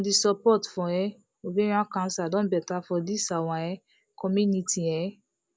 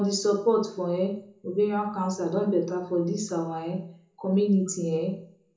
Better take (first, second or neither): first